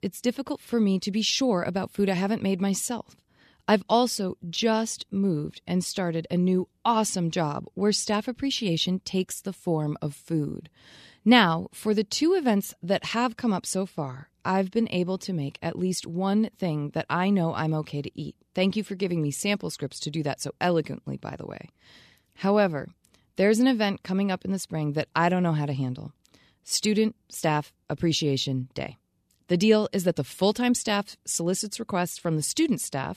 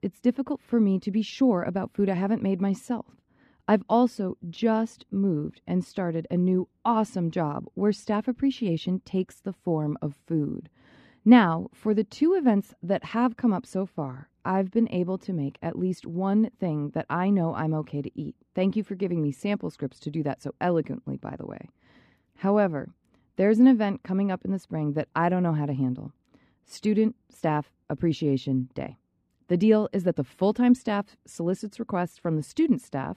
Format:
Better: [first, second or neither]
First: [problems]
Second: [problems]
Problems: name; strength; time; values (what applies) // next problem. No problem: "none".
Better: first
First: none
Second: muffled; very; fading above 3 kHz